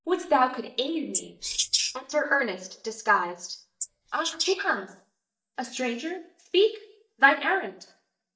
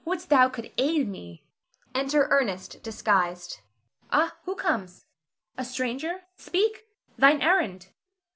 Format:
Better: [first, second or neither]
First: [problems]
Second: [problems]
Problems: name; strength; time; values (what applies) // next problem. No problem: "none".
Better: second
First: noise reduction (neural mask model DeepFilterNet 3)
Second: none